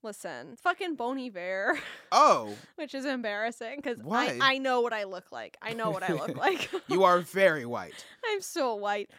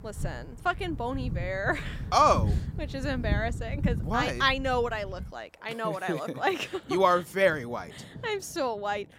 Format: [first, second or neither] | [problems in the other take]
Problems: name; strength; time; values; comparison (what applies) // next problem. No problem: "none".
first | rain or running water; loud; throughout; 7 dB below the speech